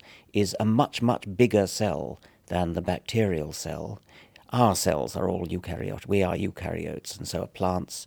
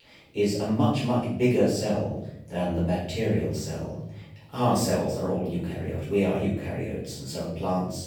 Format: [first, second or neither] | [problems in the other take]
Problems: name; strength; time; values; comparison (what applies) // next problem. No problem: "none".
first | off-mic speech; far // room echo; noticeable; dies away in 0.9 s